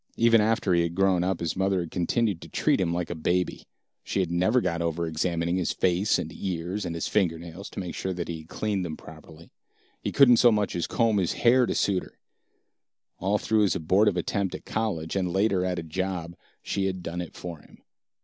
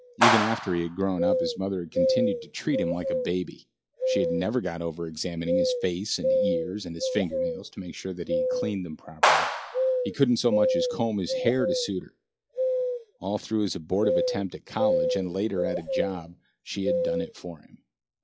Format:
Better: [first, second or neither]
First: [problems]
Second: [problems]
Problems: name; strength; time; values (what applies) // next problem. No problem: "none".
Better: first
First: none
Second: noise reduction (classical method log-MMSE)